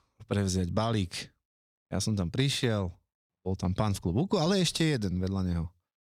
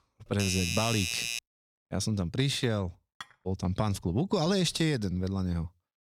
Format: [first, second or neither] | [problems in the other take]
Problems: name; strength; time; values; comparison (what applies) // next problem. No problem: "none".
first | doorbell; noticeable; until 1.5 s; peak level with the speech // clattering dishes; faint; at 3 s; peak 15 dB below the speech